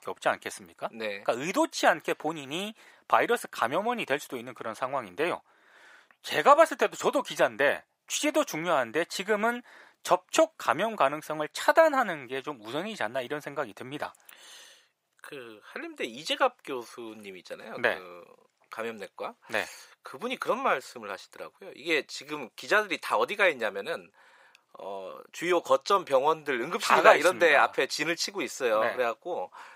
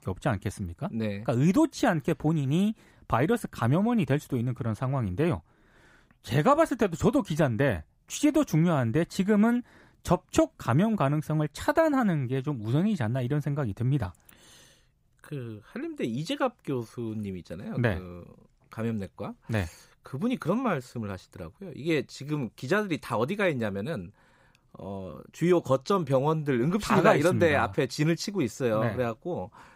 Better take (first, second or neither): second